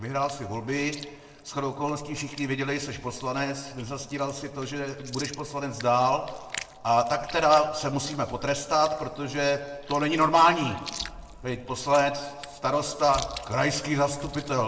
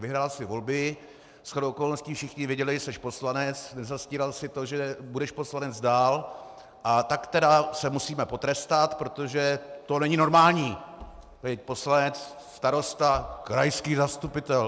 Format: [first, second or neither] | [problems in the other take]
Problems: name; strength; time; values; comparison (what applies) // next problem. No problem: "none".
second | background sound (Chewing, mastication); 17 dB below the speech // room echo; dies away in 1.6 s